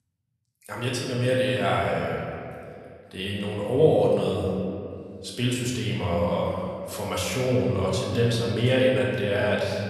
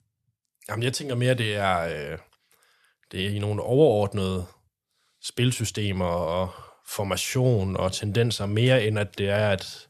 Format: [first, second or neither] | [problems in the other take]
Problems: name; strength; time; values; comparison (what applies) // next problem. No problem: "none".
second | off-mic speech; far // room echo; noticeable; dies away in 2.3 s